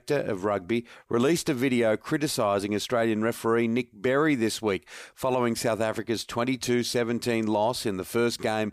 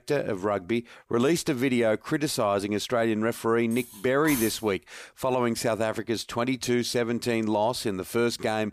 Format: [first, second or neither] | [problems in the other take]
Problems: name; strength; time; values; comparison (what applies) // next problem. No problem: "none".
first | clattering dishes; noticeable; at 3.5 s; peak 5 dB below the speech